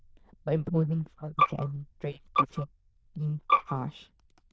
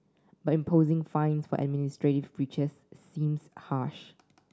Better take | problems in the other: second | noise reduction (neural diffusion model UNIVERSE++)

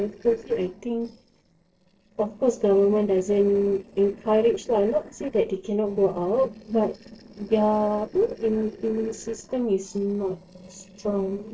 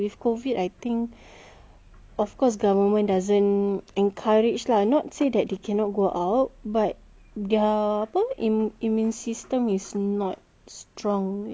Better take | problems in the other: second | noise reduction (neural separator model SepFormer DNS4)

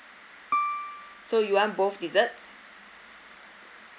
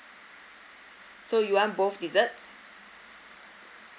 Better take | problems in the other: second | background sound (Piano); 2 dB below the speech

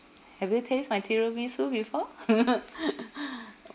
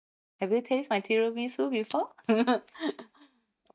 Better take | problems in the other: first | noise reduction (neural mask model DeepFilterNet 3)

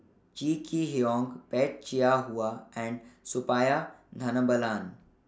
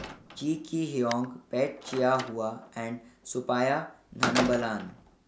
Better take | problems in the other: first | background sound (Slam); 8 dB below the speech

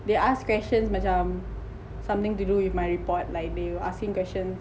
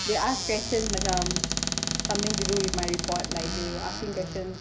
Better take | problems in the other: first | background sound (Squeak / Cupboard open or close); 1 dB below the speech

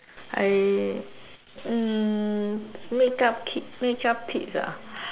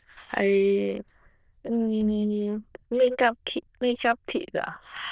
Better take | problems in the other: first | noise reduction (neural diffusion model UNIVERSE++)

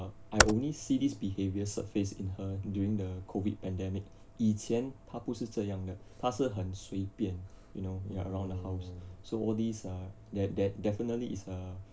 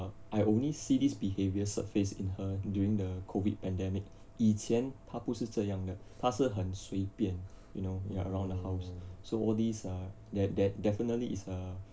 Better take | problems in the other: second | background sound (Computer keyboard); 2 dB above the speech

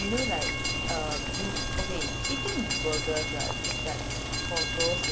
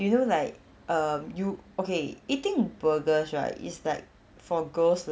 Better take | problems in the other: second | background sound (Boiling + Train); 5 dB above the speech

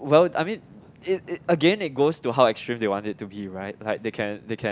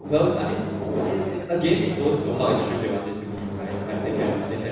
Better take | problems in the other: first | background sound (Microwave oven); 3 dB below the speech // room echo; dies away in 1.1 s

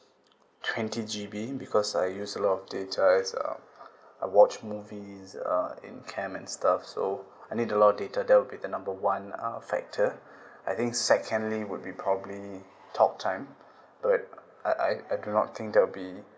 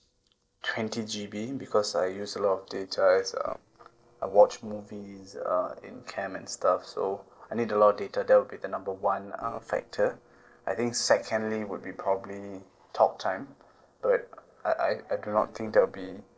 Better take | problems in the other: first | noise reduction (neural separator model SepFormer DNS4)

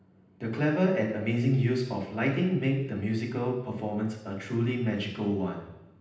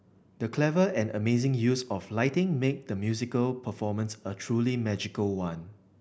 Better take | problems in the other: second | room echo; dies away in 0.9 s

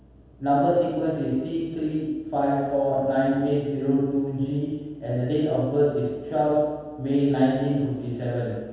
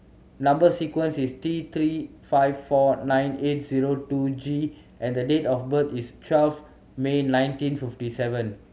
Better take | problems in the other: second | room echo; dies away in 1.2 s

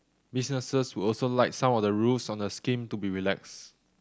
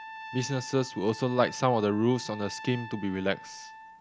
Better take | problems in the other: first | background sound (Trumpet); 15 dB below the speech

